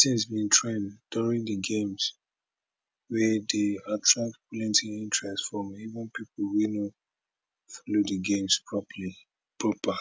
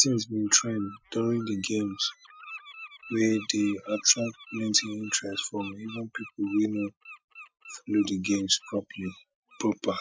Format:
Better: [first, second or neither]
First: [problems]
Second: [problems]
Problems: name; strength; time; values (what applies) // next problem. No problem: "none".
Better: first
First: none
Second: noise reduction (classical method Wiener filter)